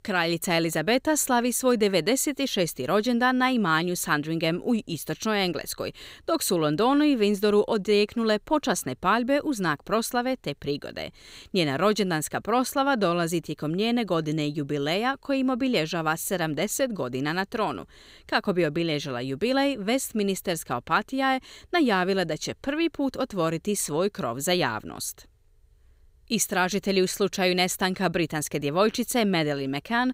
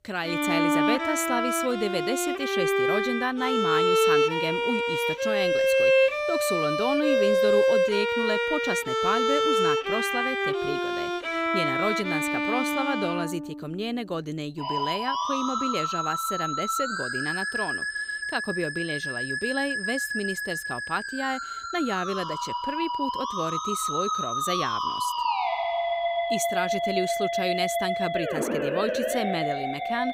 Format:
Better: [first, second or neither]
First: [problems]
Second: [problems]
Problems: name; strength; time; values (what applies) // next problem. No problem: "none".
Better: first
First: none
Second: background music; very loud; throughout; 4 dB above the speech